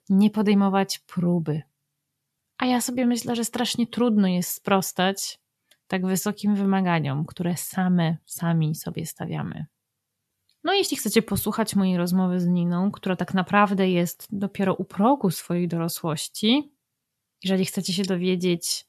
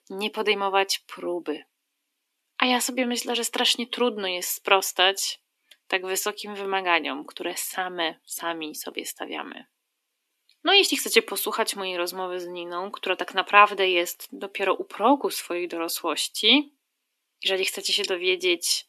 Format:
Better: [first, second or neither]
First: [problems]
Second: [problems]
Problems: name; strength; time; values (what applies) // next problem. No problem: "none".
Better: first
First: none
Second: thin; somewhat; fading below 250 Hz